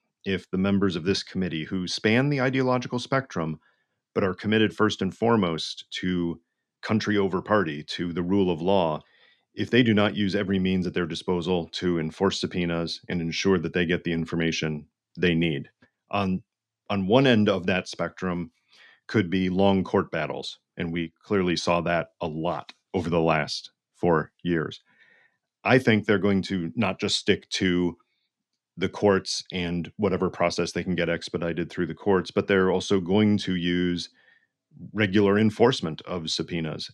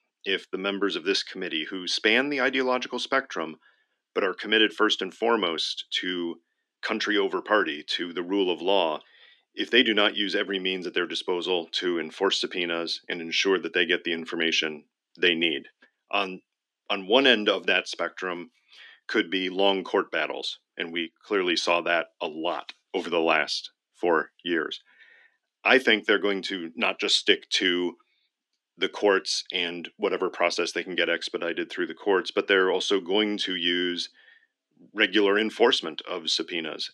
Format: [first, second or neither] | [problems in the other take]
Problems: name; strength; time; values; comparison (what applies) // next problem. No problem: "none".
first | thin; somewhat; fading below 300 Hz